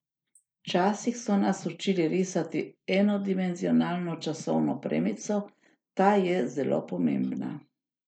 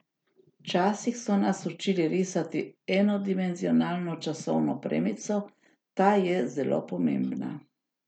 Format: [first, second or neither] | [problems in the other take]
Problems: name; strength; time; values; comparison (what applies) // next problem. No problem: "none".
second | noise reduction (neural mask model Resemble Enhance denoiser)